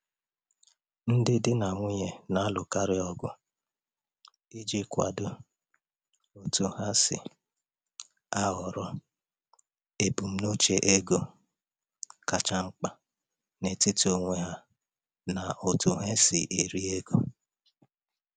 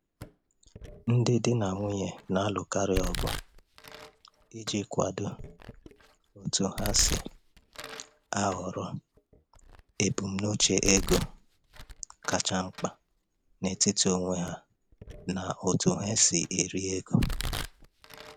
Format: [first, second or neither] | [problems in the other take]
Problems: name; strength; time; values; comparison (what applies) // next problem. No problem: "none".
first | background sound (Domestic sounds, home sounds); 9 dB below the speech